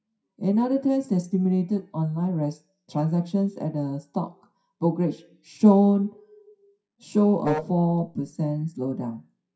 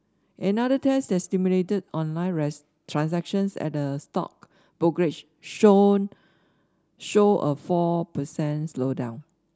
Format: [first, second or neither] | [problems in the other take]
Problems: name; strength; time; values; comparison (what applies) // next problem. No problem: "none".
second | noise reduction (classical method WPE with log-MMSE)